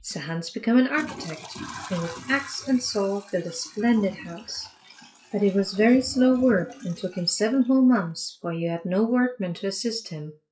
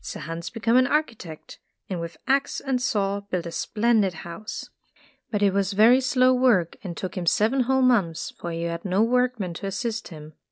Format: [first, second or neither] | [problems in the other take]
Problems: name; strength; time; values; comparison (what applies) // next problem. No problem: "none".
second | noise reduction (classical method WPE with log-MMSE)